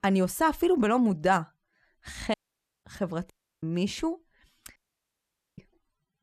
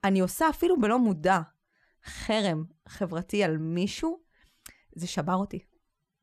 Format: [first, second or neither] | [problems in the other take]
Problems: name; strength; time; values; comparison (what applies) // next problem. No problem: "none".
second | audio cutting out; at 2.5 s for 0.5 s, at 3.5 s and at 5 s for 1 s